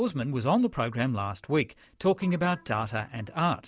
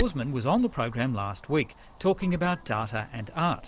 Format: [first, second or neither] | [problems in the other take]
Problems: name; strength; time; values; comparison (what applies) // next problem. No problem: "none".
first | background sound (Wind); 11 dB below the speech